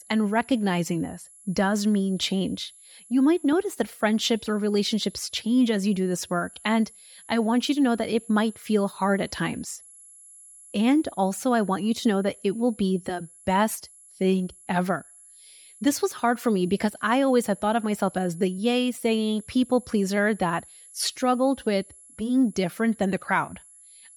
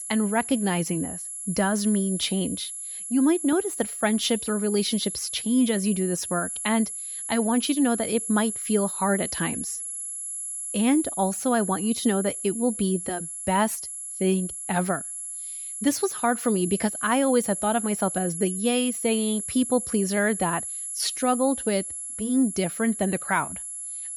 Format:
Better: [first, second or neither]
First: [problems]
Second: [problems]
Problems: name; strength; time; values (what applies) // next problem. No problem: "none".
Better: first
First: high-pitched whine; faint; throughout; 11 kHz, 20 dB below the speech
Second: high-pitched whine; loud; throughout; 11 kHz, 6 dB below the speech